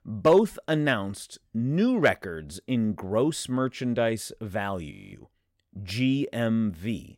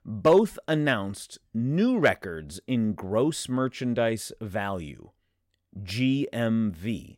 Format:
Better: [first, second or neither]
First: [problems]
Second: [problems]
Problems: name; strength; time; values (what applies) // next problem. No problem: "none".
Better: second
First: audio freezing; at 5 s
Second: none